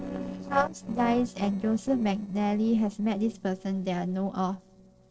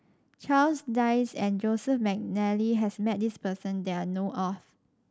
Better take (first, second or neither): second